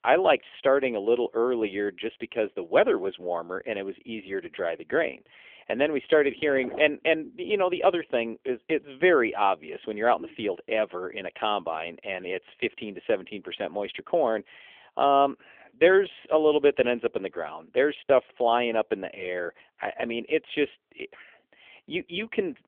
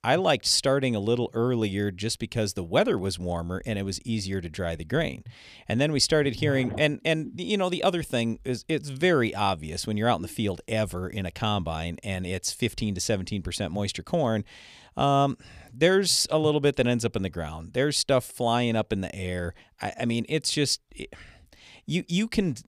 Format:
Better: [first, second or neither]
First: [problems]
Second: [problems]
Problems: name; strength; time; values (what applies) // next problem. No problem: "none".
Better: second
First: phone-call audio; nothing above 3.5 kHz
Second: none